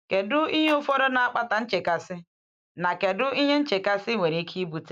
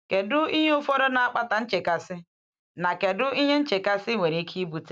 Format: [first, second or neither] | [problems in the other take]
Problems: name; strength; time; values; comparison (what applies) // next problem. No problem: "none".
second | noise reduction (neural mask model Resemble Enhance denoiser)